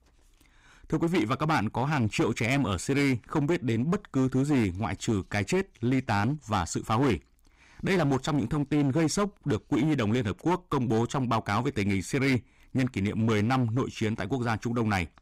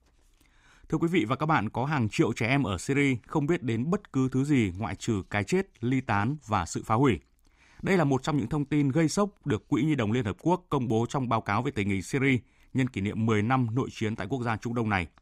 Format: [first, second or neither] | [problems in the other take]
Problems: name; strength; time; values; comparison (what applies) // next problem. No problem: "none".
second | distortion; slight; 10% of the sound clipped